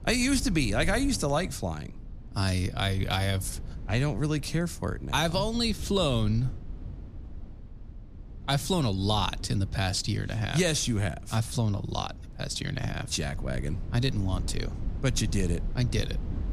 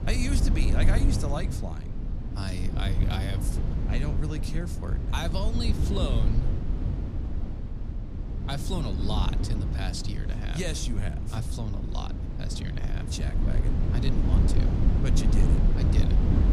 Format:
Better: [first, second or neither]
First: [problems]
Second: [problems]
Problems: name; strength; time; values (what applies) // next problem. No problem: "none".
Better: first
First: low rumble; faint; throughout; 20 dB below the speech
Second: low rumble; loud; throughout; 3 dB below the speech